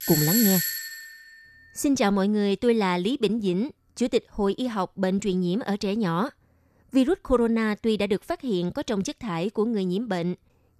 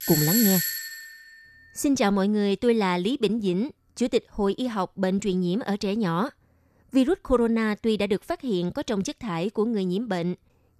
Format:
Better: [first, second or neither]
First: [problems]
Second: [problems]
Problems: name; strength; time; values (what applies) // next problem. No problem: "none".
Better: neither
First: doorbell; loud; until 1 s; peak 3 dB above the speech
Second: doorbell; loud; until 1 s; peak 3 dB above the speech